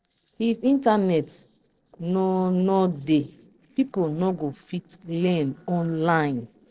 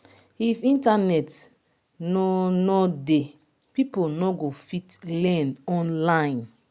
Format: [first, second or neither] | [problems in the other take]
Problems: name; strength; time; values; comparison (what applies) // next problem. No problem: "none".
second | noise reduction (neural separator model SepFormer DNS4)